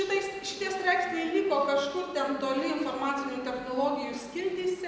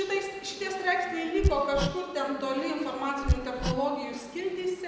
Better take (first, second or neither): first